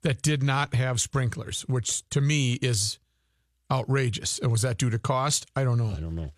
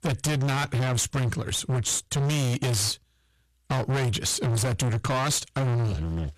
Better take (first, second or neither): first